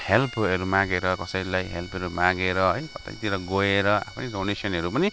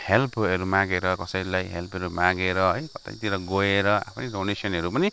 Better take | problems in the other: second | background sound (Bowed string instrument + Bird); 19 dB below the speech

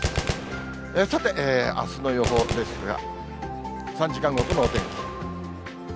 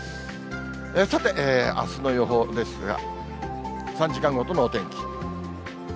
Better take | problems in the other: second | background sound (Gunshot, gunfire); 6 dB below the speech

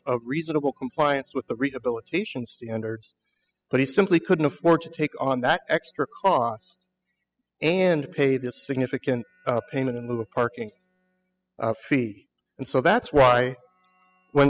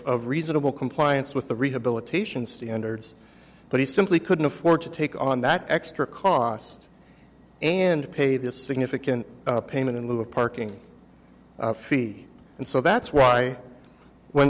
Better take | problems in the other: second | noise reduction (classical method spectral subtraction)

